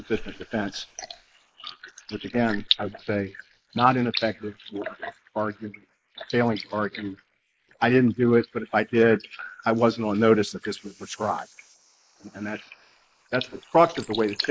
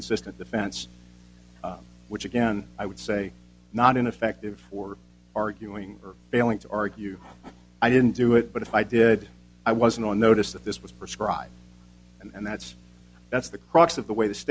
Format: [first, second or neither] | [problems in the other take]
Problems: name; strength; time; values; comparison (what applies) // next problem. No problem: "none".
second | noise reduction (neural mask model Resemble Enhance denoiser)